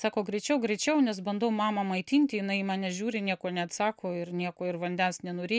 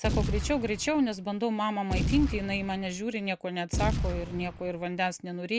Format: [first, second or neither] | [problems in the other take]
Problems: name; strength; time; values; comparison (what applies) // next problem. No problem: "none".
first | background sound (Boom); 3 dB below the speech